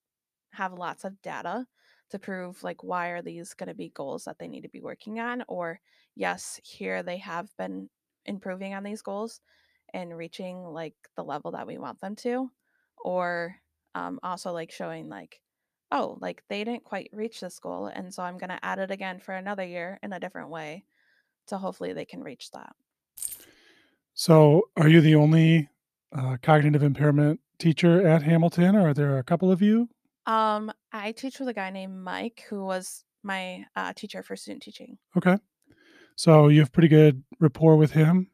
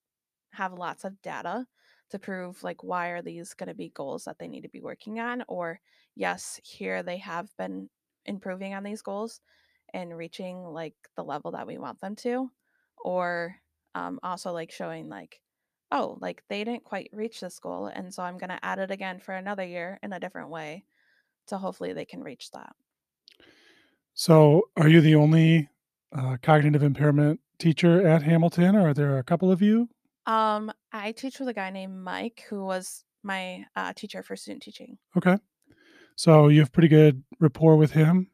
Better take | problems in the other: second | jangling keys; faint; at 23 s; peak 10 dB below the speech

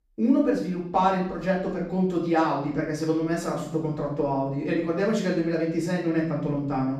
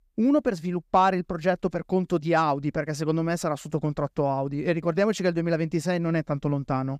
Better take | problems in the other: second | off-mic speech; far // room echo; noticeable; dies away in 0.6 s

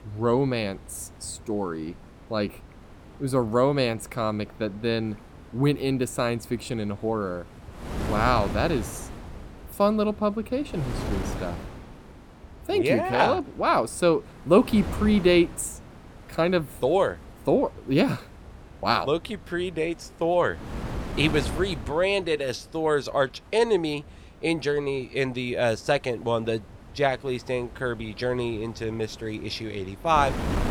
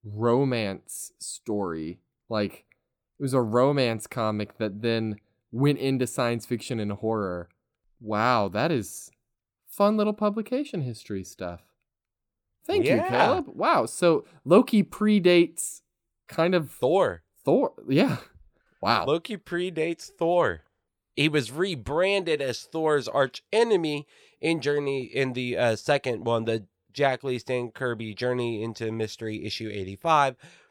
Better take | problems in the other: second | wind noise on the microphone; occasional gusts; 15 dB below the speech

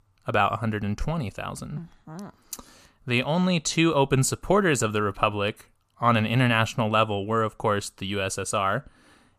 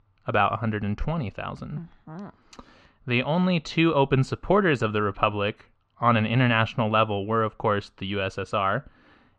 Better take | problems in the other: first | muffled; slightly; fading above 3.5 kHz

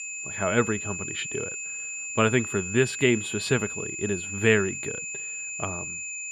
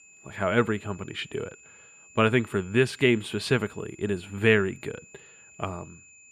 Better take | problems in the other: second | high-pitched whine; loud; throughout; 2.5 kHz, 5 dB below the speech; faint in the second

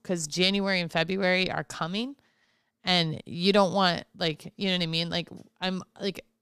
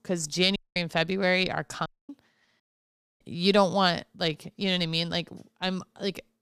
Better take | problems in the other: first | audio cutting out; at 0.5 s, at 2 s and at 2.5 s for 0.5 s

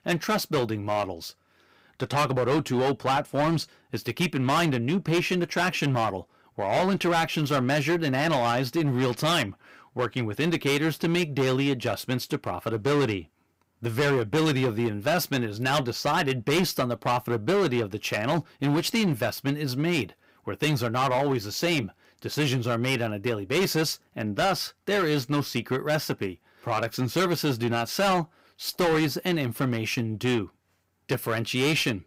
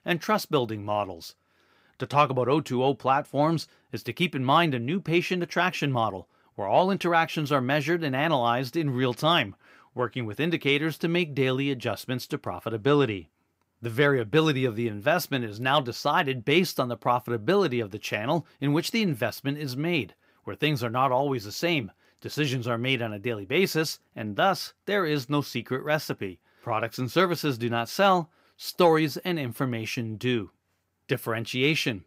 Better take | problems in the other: second | distortion; heavy; 13% of the sound clipped

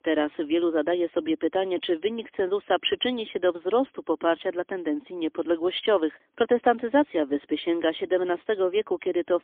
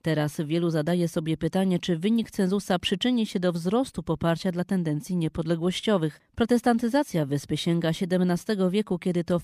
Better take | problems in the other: second | phone-call audio; poor line; nothing above 3.5 kHz

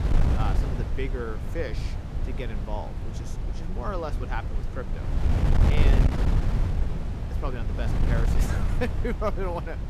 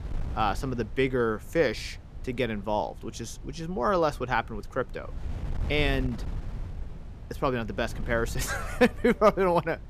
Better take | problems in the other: second | wind noise on the microphone; heavy; 3 dB below the speech; occasional gusts in the second

